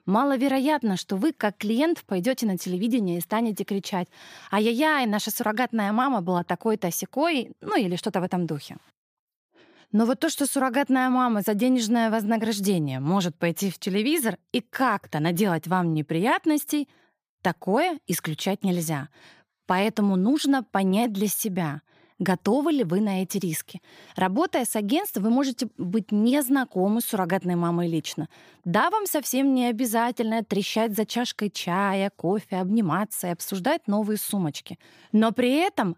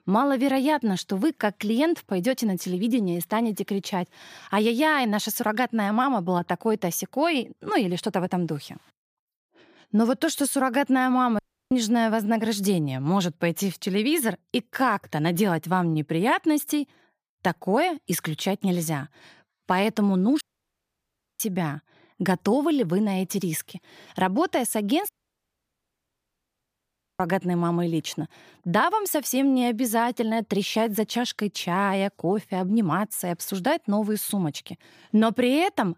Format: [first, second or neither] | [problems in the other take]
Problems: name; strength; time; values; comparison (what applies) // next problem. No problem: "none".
first | audio cutting out; at 11 s, at 20 s for 1 s and at 25 s for 2 s